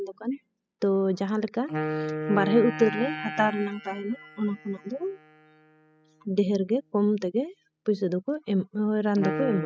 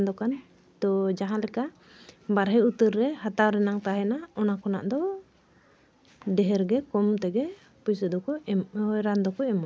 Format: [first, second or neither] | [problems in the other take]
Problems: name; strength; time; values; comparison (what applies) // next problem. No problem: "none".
second | noise reduction (classical method spectral subtraction)